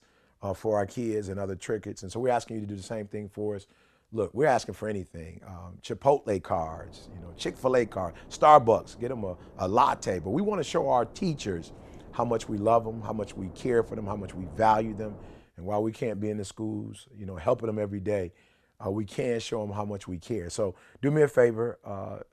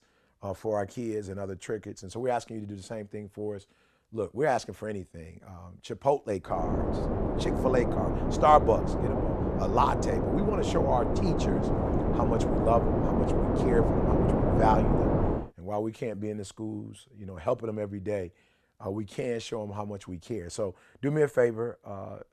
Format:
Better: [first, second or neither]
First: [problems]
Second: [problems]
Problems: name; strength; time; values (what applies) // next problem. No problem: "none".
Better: first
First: wind noise on the microphone; occasional gusts; from 6.5 to 15 s; 25 dB below the speech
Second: wind noise on the microphone; heavy; from 6.5 to 15 s; 1 dB below the speech